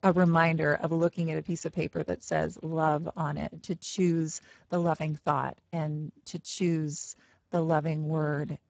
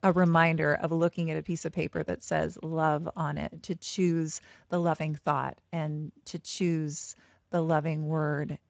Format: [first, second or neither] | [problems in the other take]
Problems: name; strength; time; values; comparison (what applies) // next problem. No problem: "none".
second | garbled, watery; badly; nothing above 7.5 kHz; slightly in the second